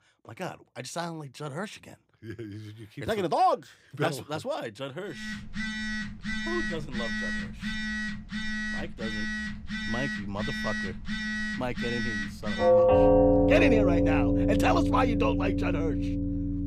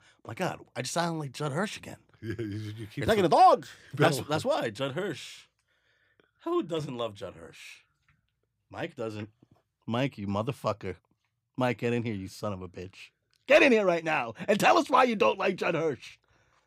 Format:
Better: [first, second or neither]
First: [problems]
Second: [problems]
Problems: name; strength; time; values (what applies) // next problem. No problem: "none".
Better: second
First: alarms or sirens; very loud; from 5 s on; 4 dB above the speech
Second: none